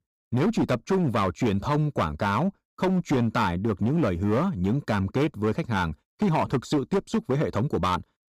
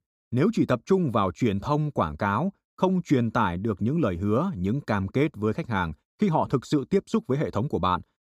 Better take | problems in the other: second | distortion; slight; 14% of the sound clipped

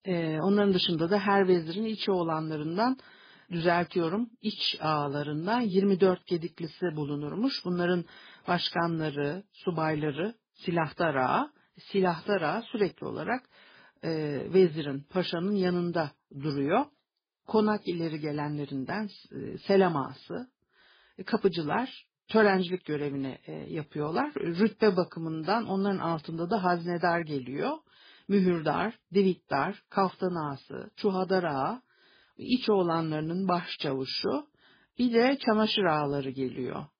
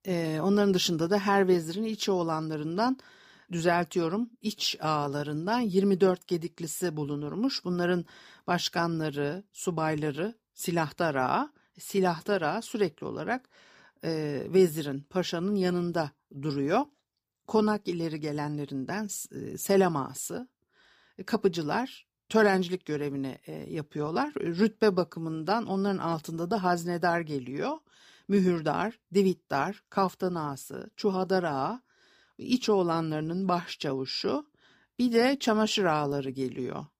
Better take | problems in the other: second | garbled, watery; badly; nothing above 5 kHz

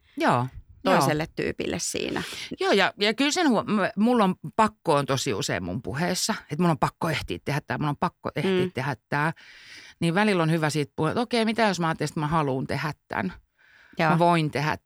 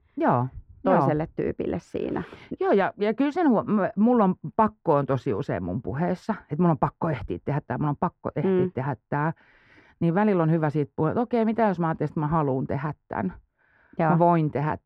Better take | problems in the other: first | muffled; very; fading above 2.5 kHz

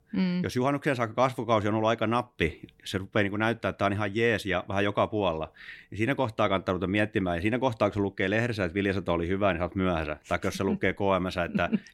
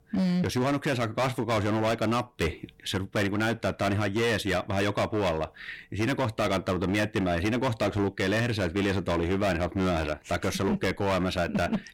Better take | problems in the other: first | distortion; heavy; 20% of the sound clipped

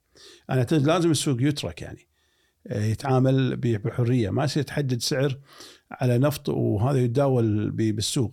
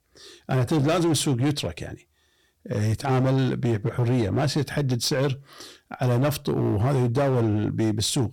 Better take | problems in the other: first | distortion; slight; 14% of the sound clipped

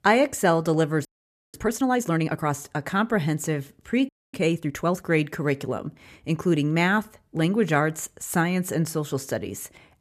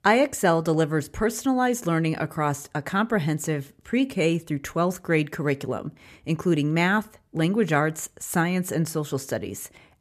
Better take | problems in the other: second | audio freezing; at 1 s and at 4 s

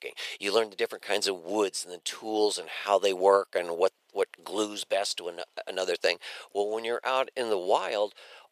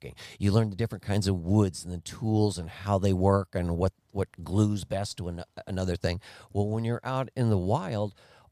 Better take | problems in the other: second | thin; very; fading below 400 Hz

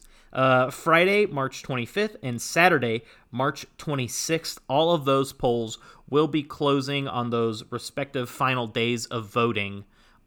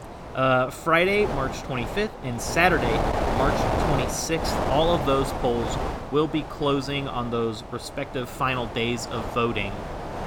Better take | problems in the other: first | wind noise on the microphone; heavy; 5 dB below the speech

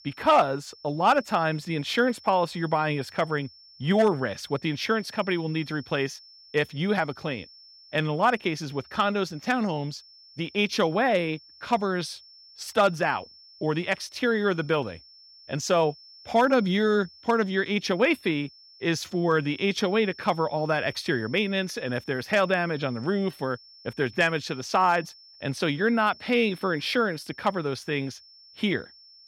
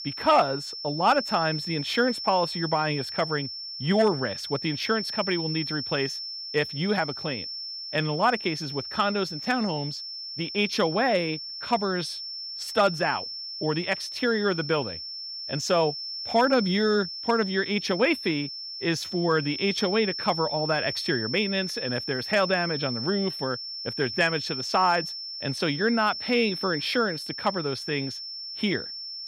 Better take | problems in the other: first | high-pitched whine; loud; throughout; 5.5 kHz, 6 dB below the speech; faint in the first

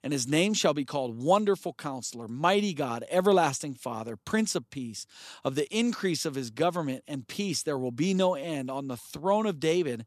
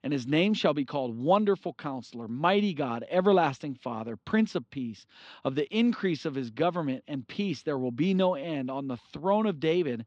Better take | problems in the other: first | muffled; slightly; fading above 4 kHz

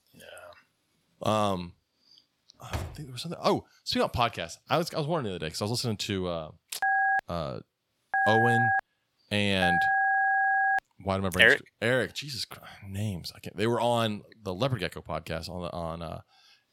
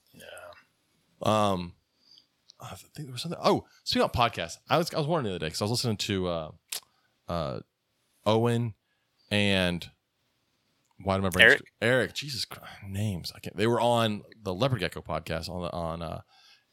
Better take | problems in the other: second | door banging; noticeable; at 2.5 s; peak 8 dB below the speech // phone ringing; loud; from 7 to 11 s; peak 5 dB above the speech

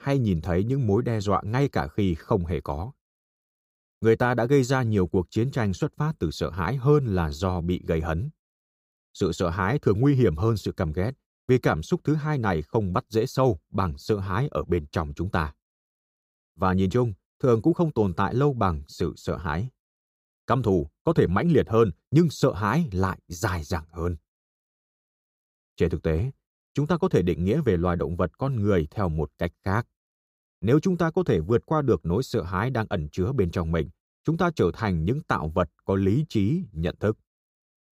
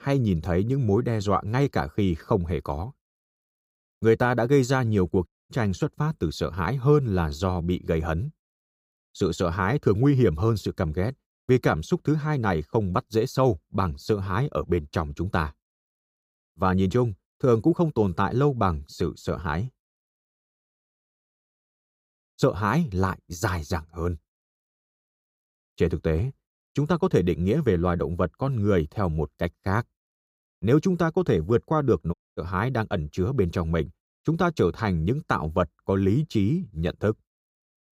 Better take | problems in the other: first | audio cutting out; at 5.5 s, at 20 s for 2 s and at 32 s

